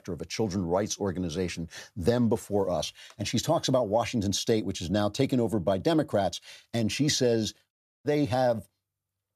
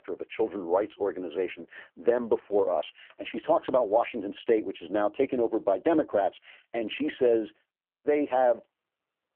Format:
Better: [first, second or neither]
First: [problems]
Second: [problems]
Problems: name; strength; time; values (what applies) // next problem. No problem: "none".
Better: first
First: none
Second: phone-call audio; poor line; nothing above 3 kHz